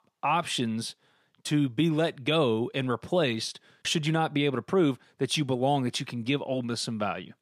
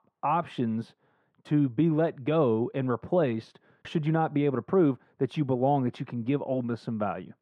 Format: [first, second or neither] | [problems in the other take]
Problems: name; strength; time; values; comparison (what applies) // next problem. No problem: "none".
first | muffled; very; fading above 3 kHz